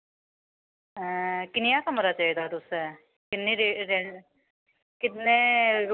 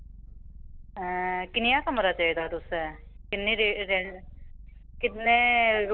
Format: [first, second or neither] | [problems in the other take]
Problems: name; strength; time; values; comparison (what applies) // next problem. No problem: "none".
first | background sound (Purr); 17 dB below the speech